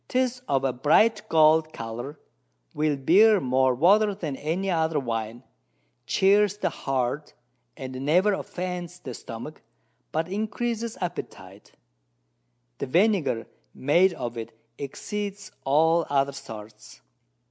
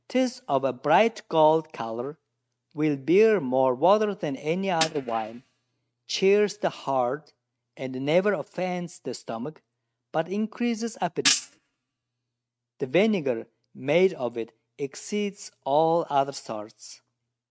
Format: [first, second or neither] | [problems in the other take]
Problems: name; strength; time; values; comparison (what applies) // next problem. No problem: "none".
first | noise reduction (neural mask model RNNoise)